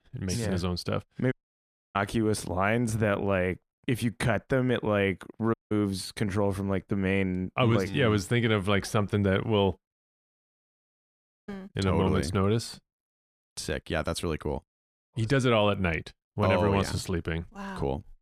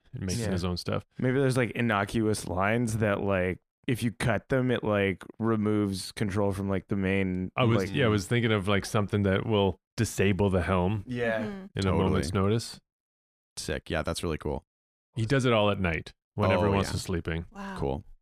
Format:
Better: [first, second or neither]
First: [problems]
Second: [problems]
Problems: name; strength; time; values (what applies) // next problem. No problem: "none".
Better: second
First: audio cutting out; at 1.5 s for 0.5 s, at 5.5 s and at 10 s for 1.5 s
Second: none